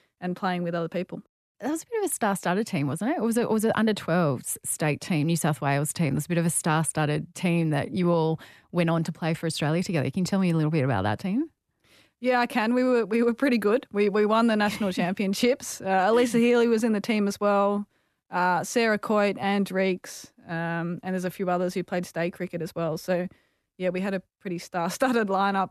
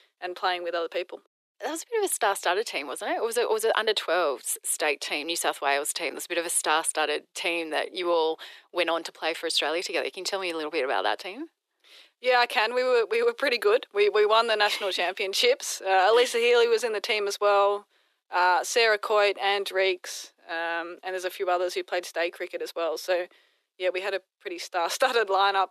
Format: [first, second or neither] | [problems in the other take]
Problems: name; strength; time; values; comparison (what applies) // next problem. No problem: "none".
first | thin; very; fading below 400 Hz